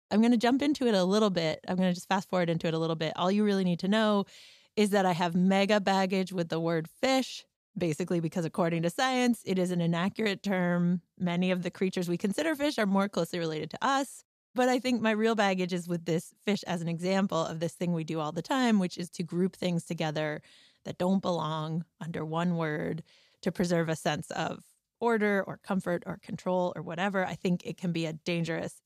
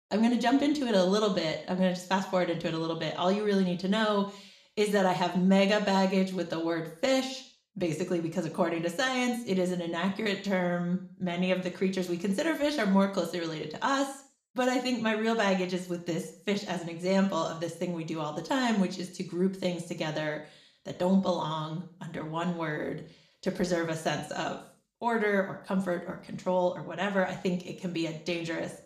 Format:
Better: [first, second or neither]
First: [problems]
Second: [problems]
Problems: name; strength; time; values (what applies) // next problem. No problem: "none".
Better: first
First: none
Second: room echo; slight; dies away in 0.5 s